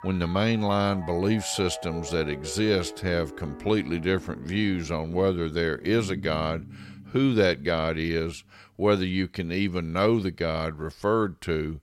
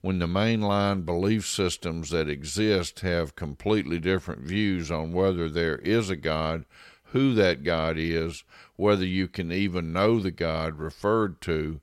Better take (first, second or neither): second